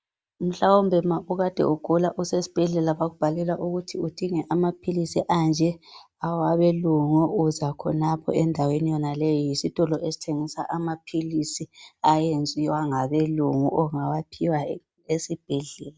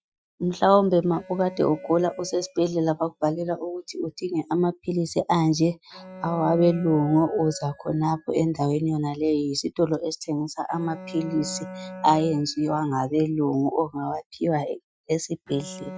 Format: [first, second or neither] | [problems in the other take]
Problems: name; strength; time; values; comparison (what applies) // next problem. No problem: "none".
first | noise reduction (classical method Wiener filter)